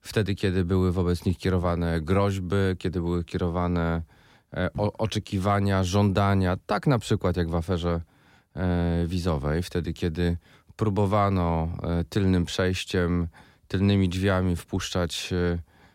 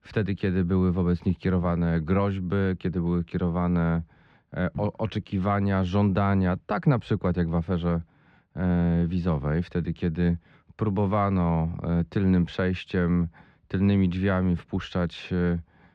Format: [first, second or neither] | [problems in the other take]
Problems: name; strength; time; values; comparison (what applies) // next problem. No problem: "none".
first | muffled; slightly; fading above 2.5 kHz